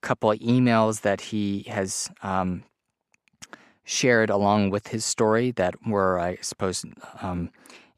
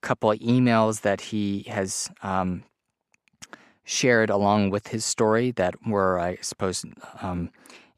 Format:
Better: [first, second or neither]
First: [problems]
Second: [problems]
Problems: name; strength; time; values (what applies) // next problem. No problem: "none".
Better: neither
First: none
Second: none